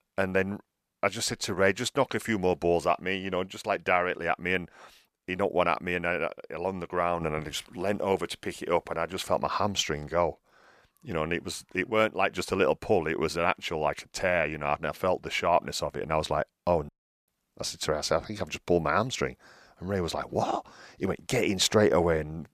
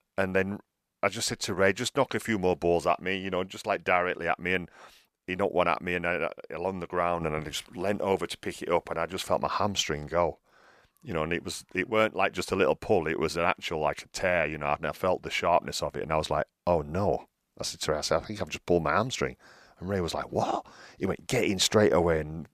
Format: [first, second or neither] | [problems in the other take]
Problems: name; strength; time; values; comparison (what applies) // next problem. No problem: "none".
second | audio cutting out; at 17 s